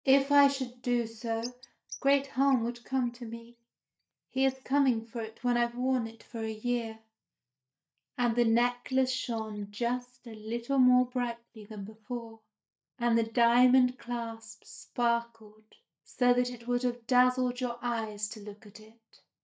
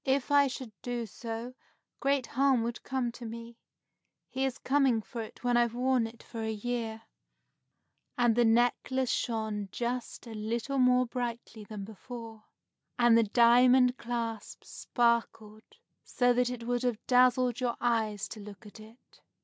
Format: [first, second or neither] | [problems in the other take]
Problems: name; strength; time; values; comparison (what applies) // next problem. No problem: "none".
second | noise reduction (neural mask model DeepFilterNet 3)